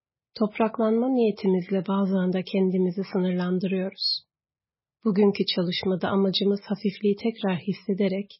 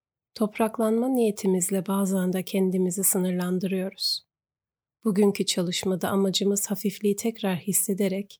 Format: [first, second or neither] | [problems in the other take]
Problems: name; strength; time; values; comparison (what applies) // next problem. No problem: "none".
second | garbled, watery; badly; nothing above 5 kHz